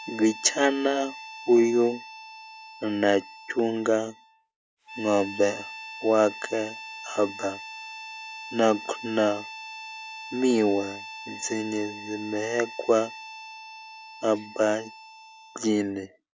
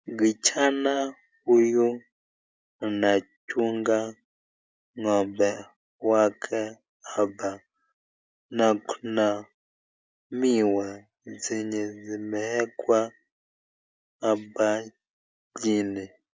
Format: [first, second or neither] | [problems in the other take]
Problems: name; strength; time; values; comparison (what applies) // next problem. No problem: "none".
second | background sound (Harmonica); 14 dB below the speech